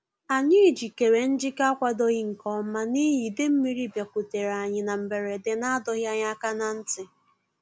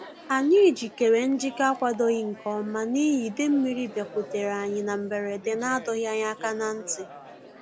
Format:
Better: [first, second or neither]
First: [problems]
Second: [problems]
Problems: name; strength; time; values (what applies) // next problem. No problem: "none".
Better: first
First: none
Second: background sound (Chatter); 18 dB below the speech